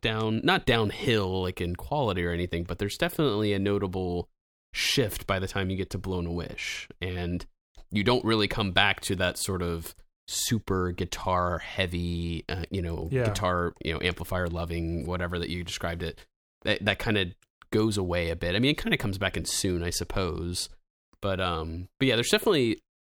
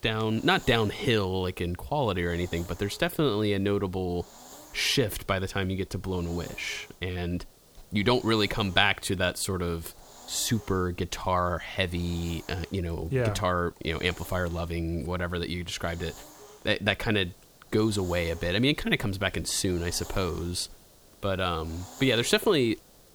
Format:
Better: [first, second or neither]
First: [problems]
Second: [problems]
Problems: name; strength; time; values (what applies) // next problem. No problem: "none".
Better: first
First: none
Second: hiss; faint; throughout; 20 dB below the speech